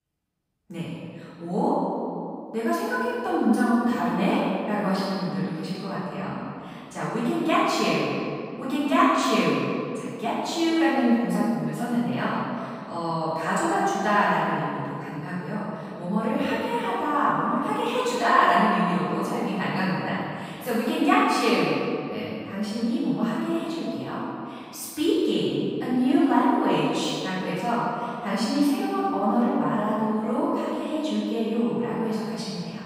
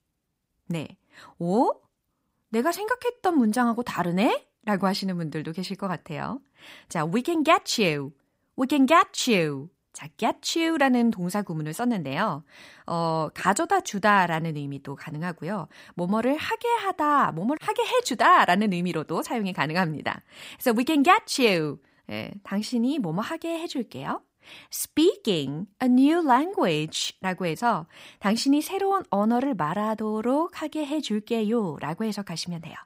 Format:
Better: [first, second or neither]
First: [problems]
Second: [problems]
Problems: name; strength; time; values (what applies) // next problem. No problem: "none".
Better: second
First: off-mic speech; far // room echo; strong; dies away in 2.1 s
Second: none